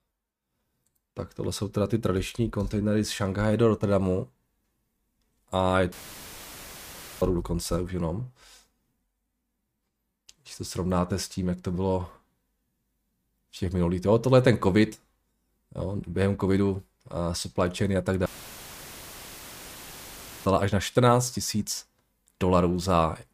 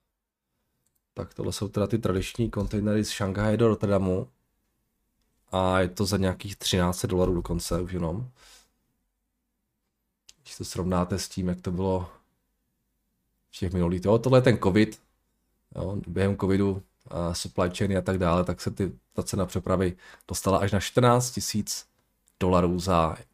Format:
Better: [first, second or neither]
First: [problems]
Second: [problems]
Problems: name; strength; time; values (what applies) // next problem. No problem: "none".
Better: second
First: audio cutting out; filled with static; at 6 s for 1.5 s and at 18 s for 2 s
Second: none